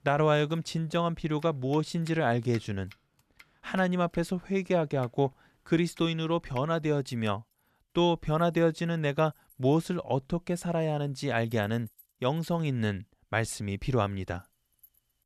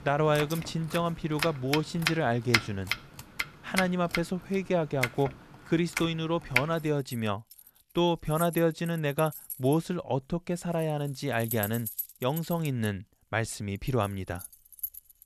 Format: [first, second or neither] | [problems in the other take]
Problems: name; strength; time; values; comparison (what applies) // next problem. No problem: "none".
first | household noises; loud; throughout; 5 dB below the speech; faint in the first